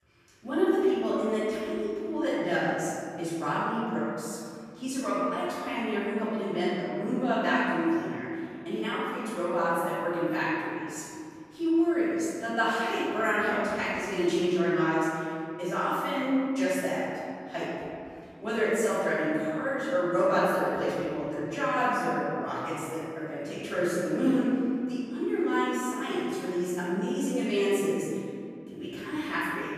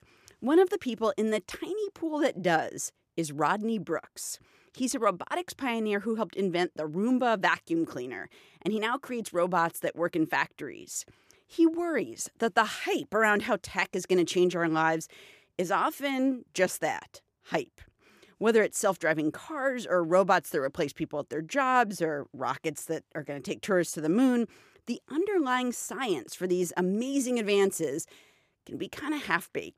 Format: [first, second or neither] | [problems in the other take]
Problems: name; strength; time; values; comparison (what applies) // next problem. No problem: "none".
second | off-mic speech; far // room echo; strong; dies away in 2.3 s